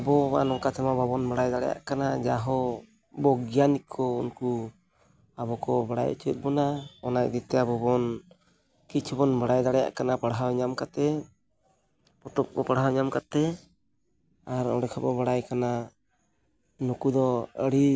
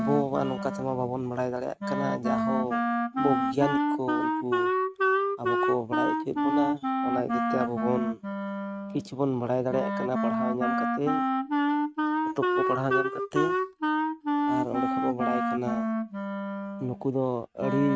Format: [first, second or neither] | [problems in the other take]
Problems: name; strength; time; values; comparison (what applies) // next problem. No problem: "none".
first | noise reduction (neural mask model RNNoise)